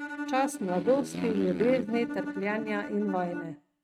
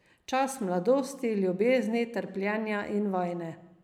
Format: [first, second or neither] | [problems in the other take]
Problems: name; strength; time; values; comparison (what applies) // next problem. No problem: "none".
second | noise reduction (neural mask model RNNoise)